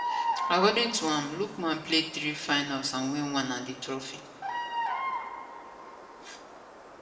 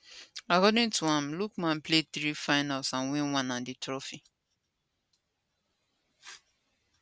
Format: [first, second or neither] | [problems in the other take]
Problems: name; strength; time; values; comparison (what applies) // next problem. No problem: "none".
second | background sound (Bird vocalization, bird call, bird song); 5 dB below the speech // room echo; dies away in 1.5 s